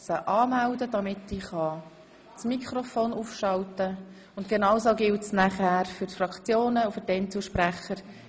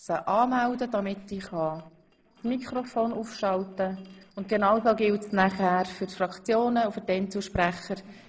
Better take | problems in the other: first | noise reduction (neural separator model SepFormer DNS4)

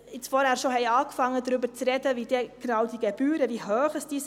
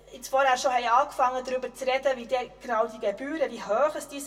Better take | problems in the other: first | room echo; dies away in 0.1 s

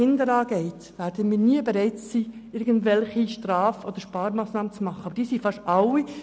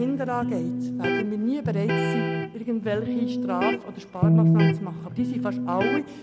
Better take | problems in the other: first | background sound (Electric guitar); 4 dB above the speech

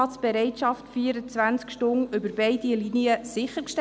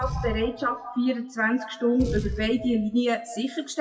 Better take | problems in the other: first | noise reduction (classical method WPE with log-MMSE)

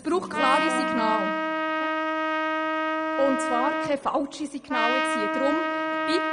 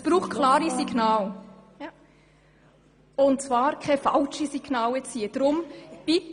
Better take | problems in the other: second | background sound (Trumpet); 2 dB above the speech

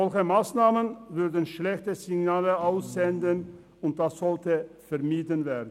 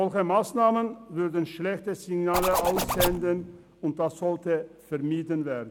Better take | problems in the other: first | background sound (Zipper (clothing)); 2 dB below the speech

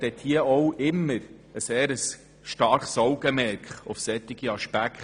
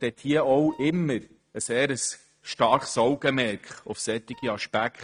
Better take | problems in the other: first | noise reduction (neural mask model RNNoise)

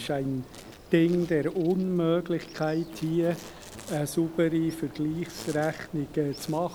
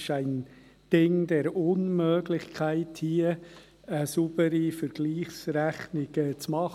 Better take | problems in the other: second | background sound (Insect); 18 dB below the speech

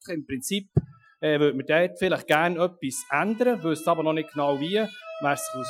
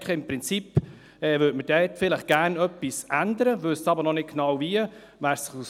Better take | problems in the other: second | noise reduction (classical method Wiener filter)

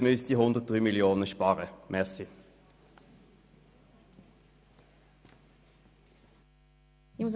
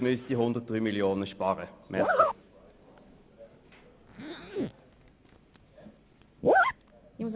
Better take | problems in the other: first | background sound (Zipper (clothing)); 2 dB above the speech

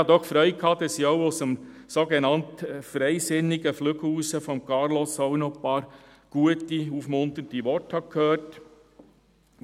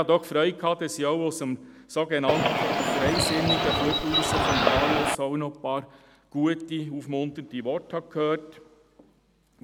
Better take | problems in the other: first | background sound (Bird); 4 dB above the speech

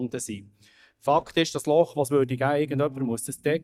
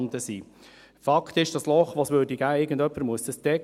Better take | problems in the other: second | noise reduction (neural mask model DeepFilterNet 3)

